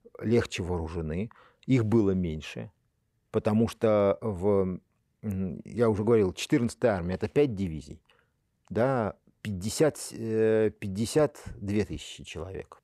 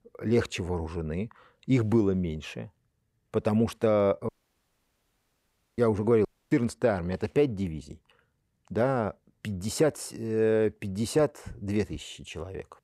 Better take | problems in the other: first | audio cutting out; at 4.5 s for 1.5 s and at 6.5 s

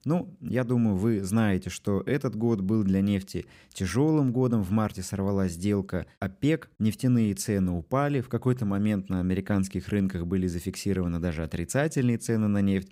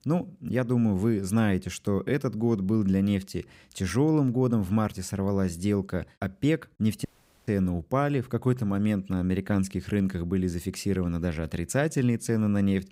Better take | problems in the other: first | audio cutting out; at 7 s

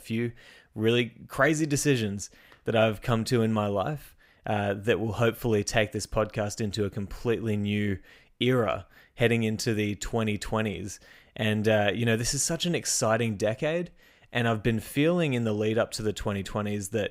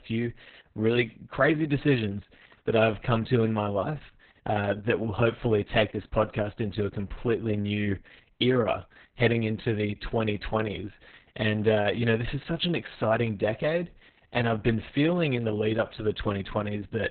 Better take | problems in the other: first | garbled, watery; badly; nothing above 4 kHz

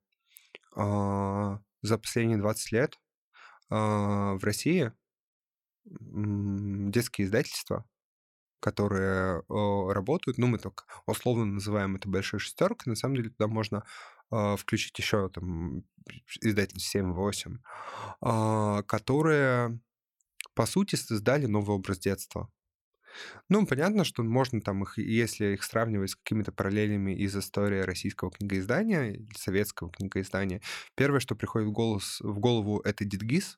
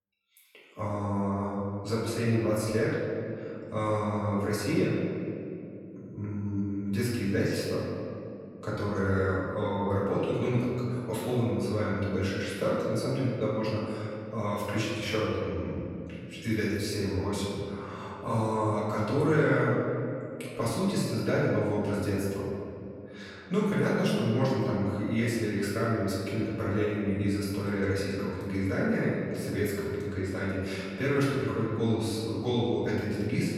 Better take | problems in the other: first | off-mic speech; far // room echo; strong; dies away in 2.5 s

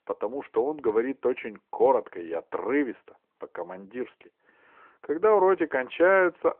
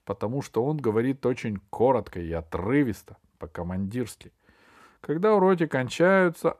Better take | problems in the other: second | phone-call audio

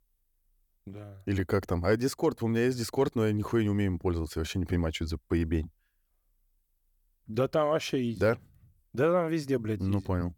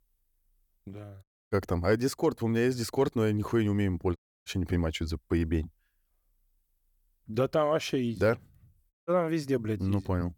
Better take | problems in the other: first | audio cutting out; at 1 s, at 4 s and at 9 s

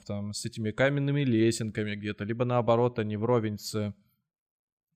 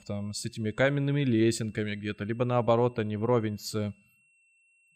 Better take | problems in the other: first | high-pitched whine; faint; throughout; 2.5 kHz, 35 dB below the speech

